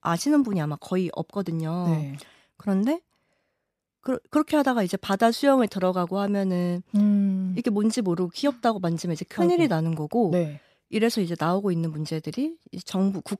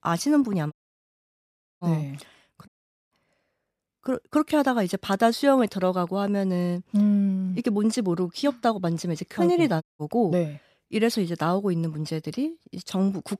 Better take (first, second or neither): first